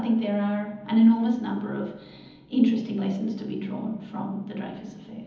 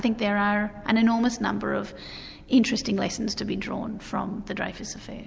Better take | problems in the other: second | room echo; dies away in 1.3 s

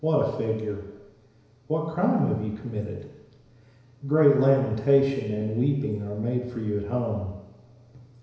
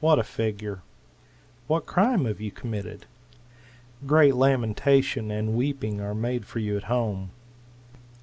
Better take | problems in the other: second | room echo; dies away in 1 s

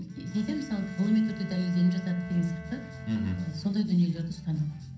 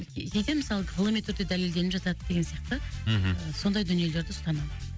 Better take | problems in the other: second | background sound (Bowed string instrument); 19 dB below the speech // room echo; dies away in 0.6 s

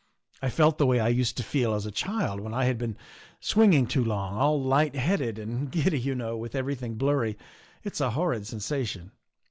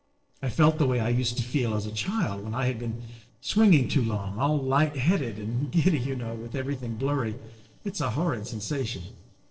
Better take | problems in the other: first | noise reduction (neural separator model SepFormer DNS4)

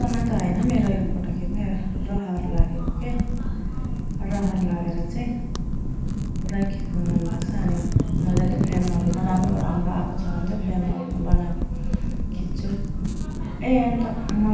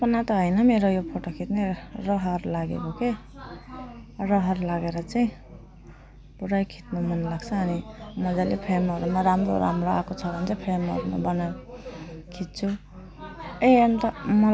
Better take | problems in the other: second | background sound (Wind / Fire); 3 dB above the speech // room echo; dies away in 0.9 s

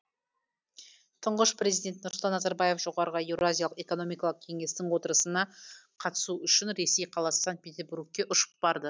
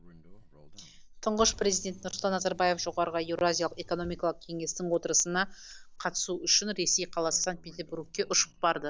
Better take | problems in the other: first | background sound (Car); 18 dB below the speech

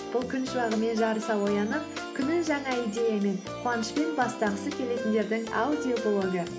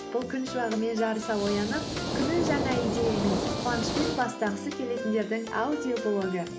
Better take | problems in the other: first | background sound (Hiss); 2 dB below the speech

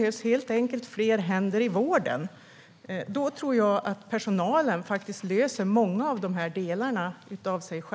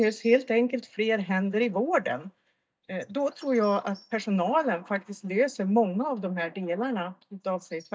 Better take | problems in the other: first | noise reduction (neural mask model DeepFilterNet 3)

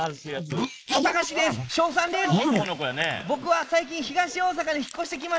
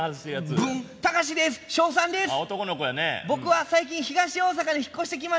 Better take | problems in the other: second | noise reduction (neural mask model Resemble Enhance denoiser)

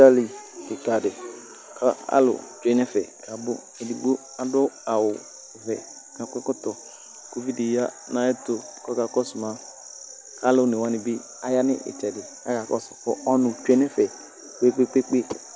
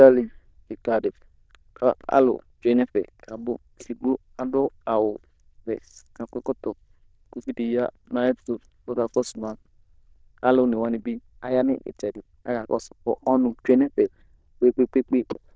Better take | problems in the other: first | noise reduction (neural diffusion model UNIVERSE++)

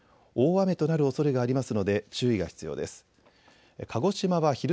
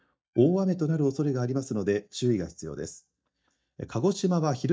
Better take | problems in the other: first | noise reduction (neural mask model DeepFilterNet 3)

